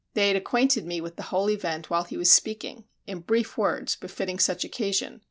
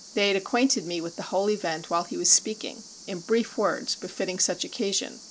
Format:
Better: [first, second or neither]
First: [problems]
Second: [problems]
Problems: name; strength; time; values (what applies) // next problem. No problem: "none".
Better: first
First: none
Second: background sound (Cricket); 19 dB below the speech